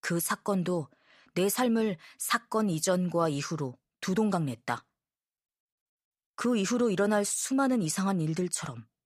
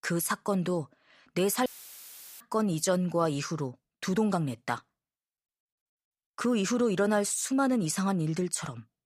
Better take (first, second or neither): first